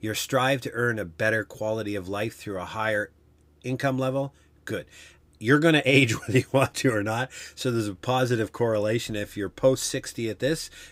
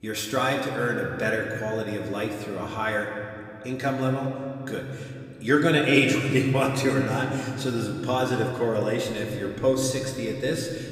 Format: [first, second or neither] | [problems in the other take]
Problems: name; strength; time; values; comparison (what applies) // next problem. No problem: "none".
first | room echo; slight; dies away in 2.4 s // off-mic speech; somewhat distant